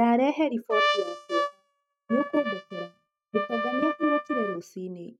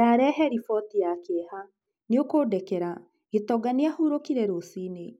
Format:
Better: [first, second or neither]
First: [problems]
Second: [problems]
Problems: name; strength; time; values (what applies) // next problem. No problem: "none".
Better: second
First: noise reduction (neural mask model RNNoise)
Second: none